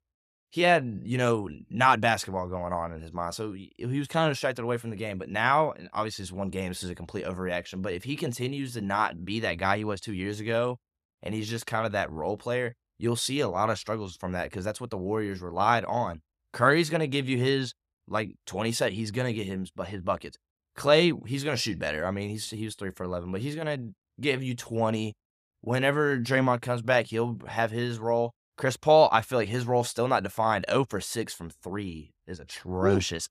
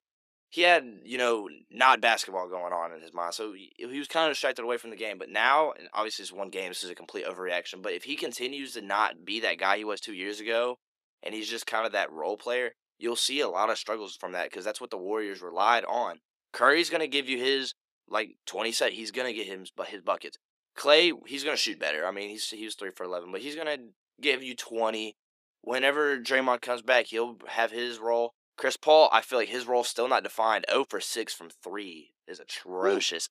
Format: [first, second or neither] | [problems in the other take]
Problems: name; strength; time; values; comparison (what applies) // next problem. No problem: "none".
first | thin; somewhat; fading below 300 Hz